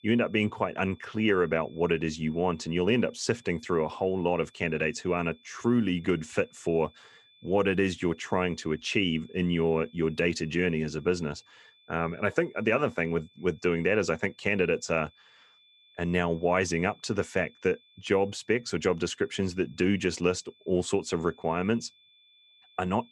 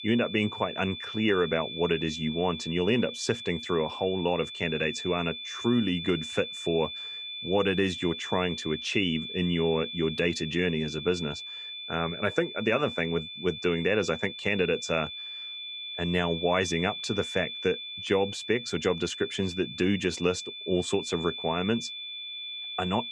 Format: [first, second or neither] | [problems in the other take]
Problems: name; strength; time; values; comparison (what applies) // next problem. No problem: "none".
first | high-pitched whine; loud; throughout; 3.5 kHz, 7 dB below the speech; faint in the first